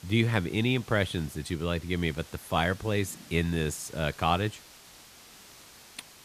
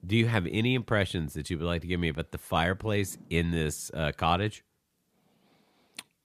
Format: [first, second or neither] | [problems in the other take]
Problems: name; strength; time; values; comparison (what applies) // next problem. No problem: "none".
second | hiss; noticeable; throughout; 20 dB below the speech